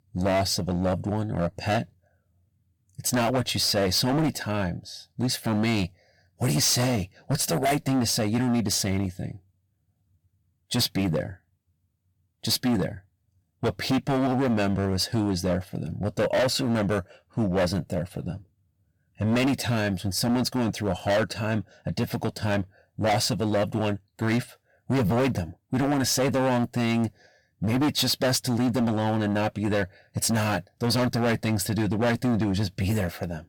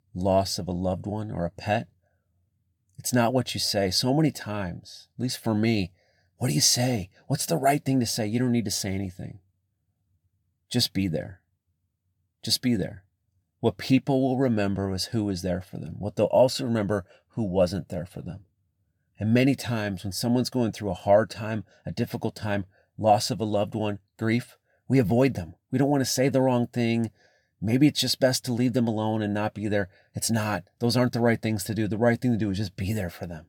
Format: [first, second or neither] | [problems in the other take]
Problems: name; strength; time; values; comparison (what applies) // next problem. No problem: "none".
second | distortion; heavy; 14% of the sound clipped